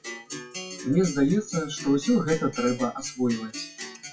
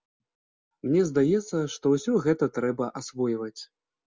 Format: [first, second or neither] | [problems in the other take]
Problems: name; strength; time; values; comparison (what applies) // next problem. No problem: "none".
second | noise reduction (classical method WPE with log-MMSE)